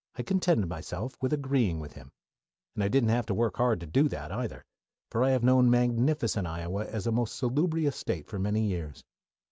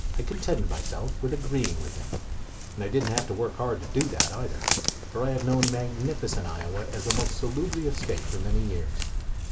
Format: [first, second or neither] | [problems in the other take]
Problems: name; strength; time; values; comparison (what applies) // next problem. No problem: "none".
first | background sound (Walk, footsteps); 1 dB above the speech // room echo; dies away in 2.4 s